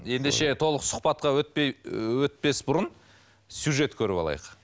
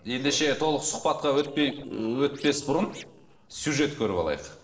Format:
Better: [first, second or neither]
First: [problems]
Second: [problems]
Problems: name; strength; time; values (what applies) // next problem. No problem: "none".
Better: first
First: none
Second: noise reduction (neural separator model SepFormer DNS4)